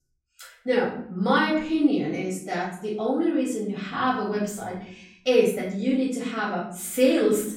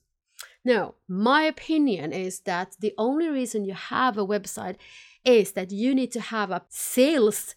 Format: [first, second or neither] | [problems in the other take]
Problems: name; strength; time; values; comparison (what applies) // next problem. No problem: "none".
second | off-mic speech; far // room echo; noticeable; dies away in 0.6 s